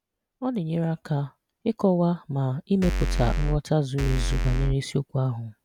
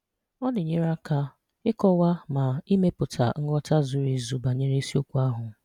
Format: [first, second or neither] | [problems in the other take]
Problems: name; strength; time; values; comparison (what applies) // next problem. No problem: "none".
second | background sound (Bass drum / Keyboard (musical)); 1 dB above the speech